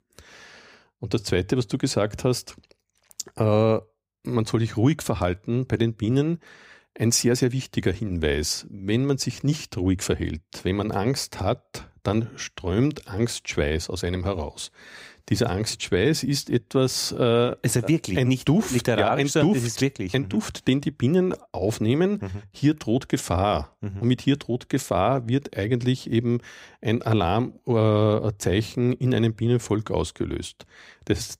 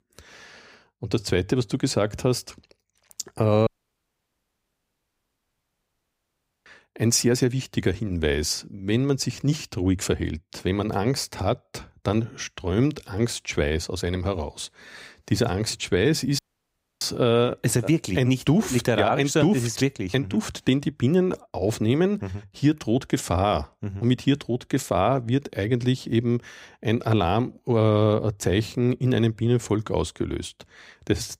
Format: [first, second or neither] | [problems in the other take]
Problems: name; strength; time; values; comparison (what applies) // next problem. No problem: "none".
first | audio cutting out; at 3.5 s for 3 s and at 16 s for 0.5 s